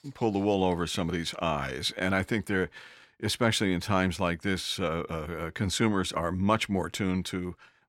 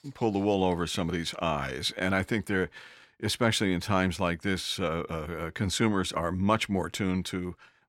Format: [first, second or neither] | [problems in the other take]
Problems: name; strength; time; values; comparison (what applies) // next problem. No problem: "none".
neither | none